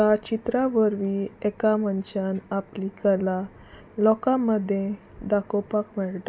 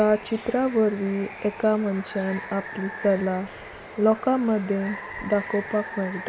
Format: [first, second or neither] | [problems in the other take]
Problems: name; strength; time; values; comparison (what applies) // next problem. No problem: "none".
first | background sound (Water); 13 dB below the speech